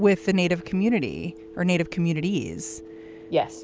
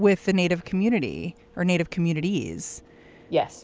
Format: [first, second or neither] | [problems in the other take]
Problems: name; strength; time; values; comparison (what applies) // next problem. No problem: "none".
second | background sound (Telephone); 18 dB below the speech